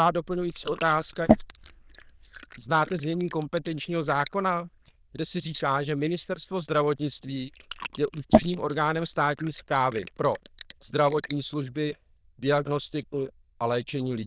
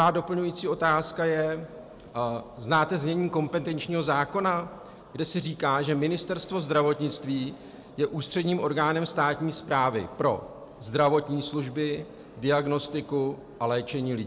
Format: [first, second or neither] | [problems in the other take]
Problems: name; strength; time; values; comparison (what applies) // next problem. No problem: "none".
second | noise reduction (neural diffusion model UNIVERSE++)